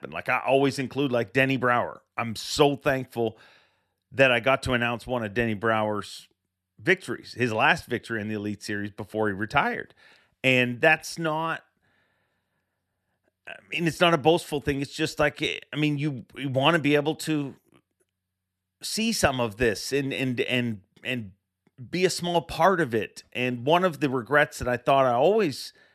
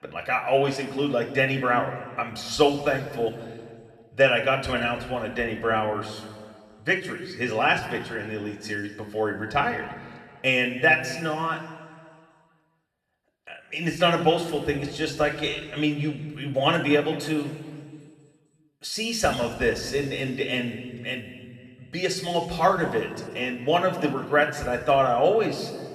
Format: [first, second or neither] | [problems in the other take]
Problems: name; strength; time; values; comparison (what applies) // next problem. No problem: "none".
first | room echo; noticeable; dies away in 1.6 s // off-mic speech; somewhat distant